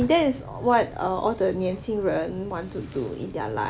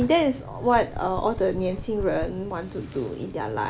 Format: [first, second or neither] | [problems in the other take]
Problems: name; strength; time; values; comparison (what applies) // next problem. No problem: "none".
first | background sound (Knock); 13 dB below the speech